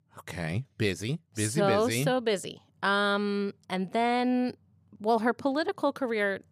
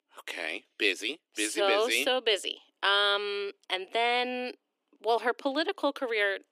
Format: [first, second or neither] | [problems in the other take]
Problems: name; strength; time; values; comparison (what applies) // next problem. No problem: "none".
first | thin; somewhat; fading below 300 Hz